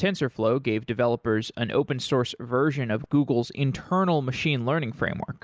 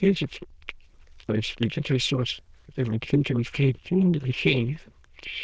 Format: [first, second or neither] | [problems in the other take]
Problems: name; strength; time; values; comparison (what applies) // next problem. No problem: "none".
first | noise reduction (neural diffusion model UNIVERSE++)